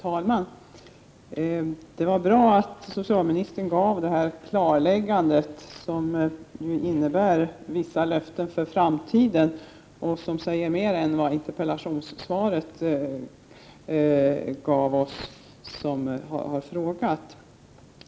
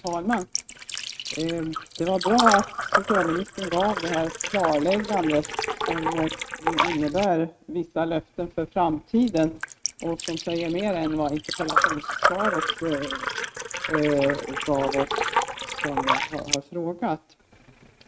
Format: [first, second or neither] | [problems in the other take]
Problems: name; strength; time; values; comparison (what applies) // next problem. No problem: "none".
first | noise reduction (neural mask model RNNoise)